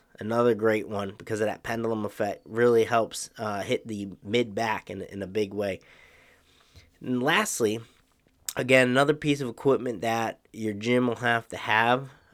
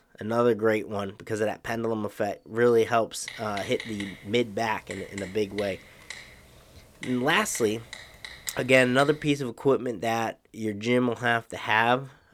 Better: first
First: none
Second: keyboard typing; faint; from 3.5 to 9 s; peak 10 dB below the speech

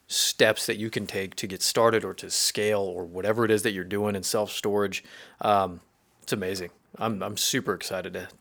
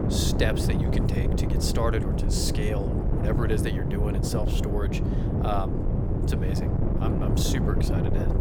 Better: first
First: none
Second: wind noise on the microphone; heavy; 1 dB below the speech

